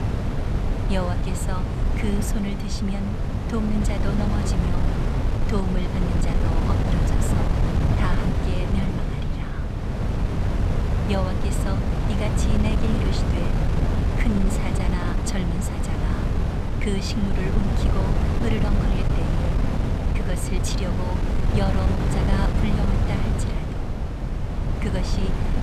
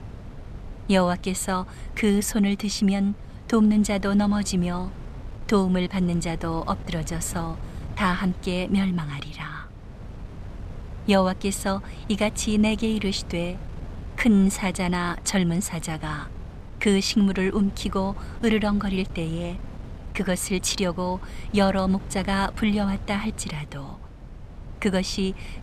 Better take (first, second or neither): second